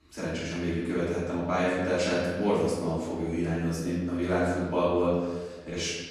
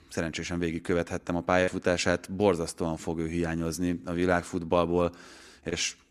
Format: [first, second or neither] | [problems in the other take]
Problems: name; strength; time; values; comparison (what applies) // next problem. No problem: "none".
second | off-mic speech; far // room echo; strong; dies away in 1.2 s